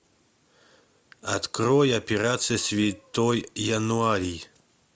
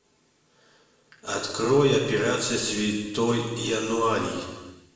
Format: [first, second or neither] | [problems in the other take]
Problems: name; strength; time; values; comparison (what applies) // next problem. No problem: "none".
first | room echo; dies away in 1.2 s